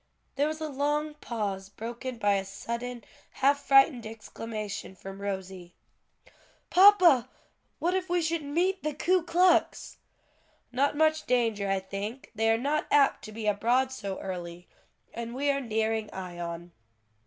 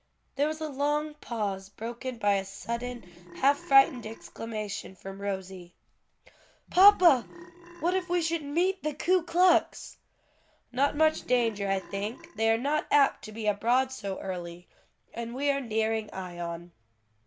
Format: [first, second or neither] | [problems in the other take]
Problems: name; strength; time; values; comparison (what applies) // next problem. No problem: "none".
first | background sound (Burping, eructation); 17 dB below the speech